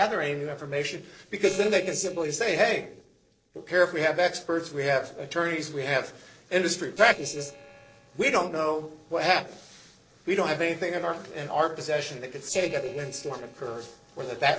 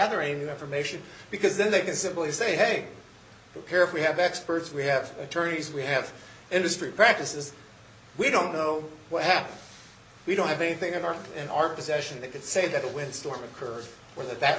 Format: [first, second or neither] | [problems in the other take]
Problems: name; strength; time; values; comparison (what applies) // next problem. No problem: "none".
second | noise reduction (neural separator model SepFormer DNS4)